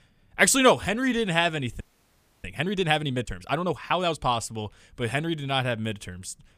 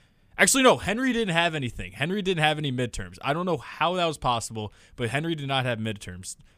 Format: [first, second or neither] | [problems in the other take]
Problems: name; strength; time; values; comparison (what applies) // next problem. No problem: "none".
second | audio freezing; at 2 s for 0.5 s